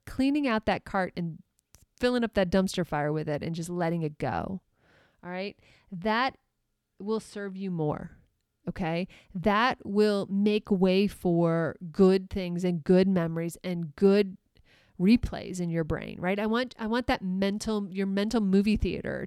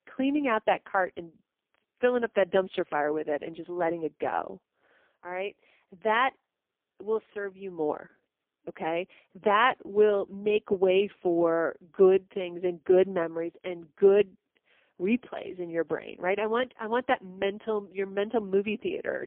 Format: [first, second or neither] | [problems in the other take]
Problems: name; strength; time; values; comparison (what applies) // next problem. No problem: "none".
first | phone-call audio; poor line; nothing above 3 kHz